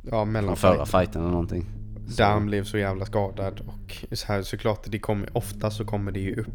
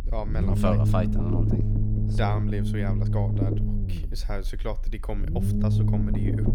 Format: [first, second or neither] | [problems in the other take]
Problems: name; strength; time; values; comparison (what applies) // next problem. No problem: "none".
first | low rumble; loud; throughout; 2 dB below the speech; faint in the first